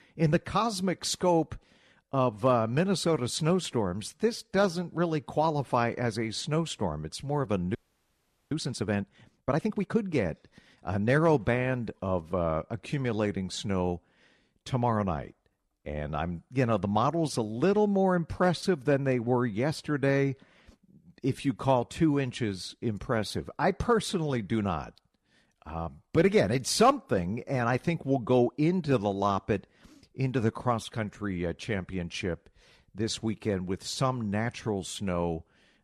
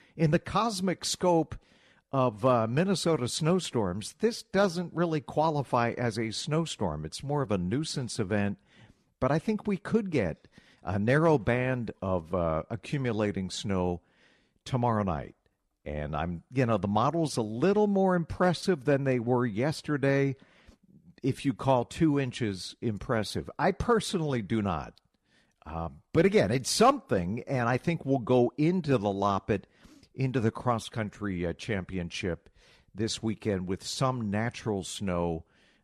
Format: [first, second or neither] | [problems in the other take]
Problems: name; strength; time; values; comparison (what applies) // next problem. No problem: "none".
second | audio freezing; at 8 s for 1 s